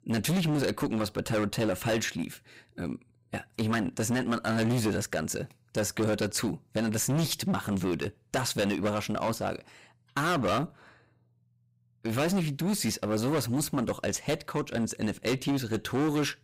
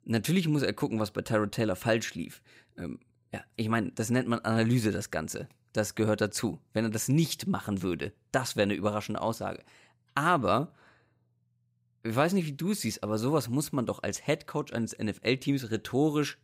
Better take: second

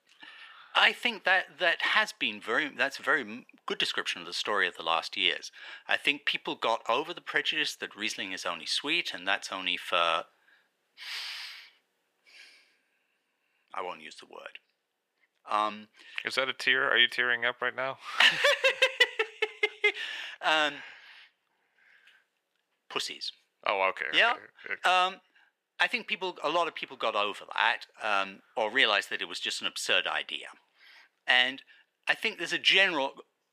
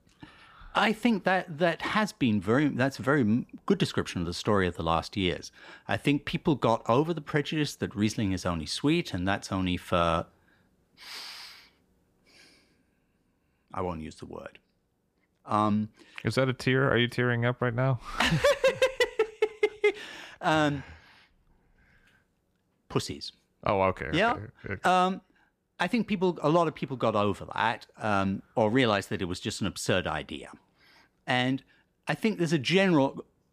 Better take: second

